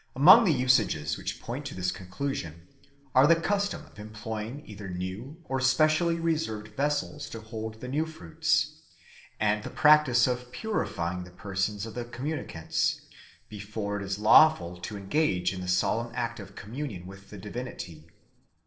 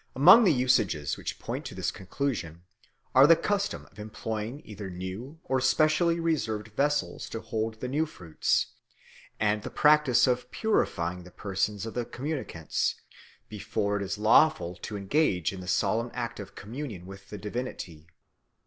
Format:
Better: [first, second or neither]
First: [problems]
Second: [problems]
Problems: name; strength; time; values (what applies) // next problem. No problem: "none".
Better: second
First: room echo; dies away in 0.7 s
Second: none